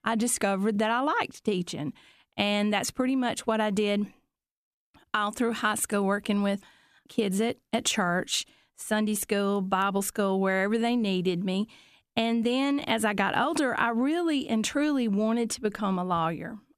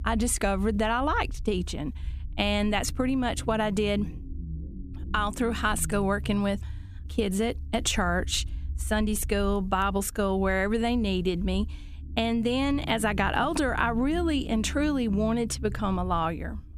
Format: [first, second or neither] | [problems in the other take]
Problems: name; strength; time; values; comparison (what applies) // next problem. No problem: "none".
first | low rumble; faint; throughout; 25 dB below the speech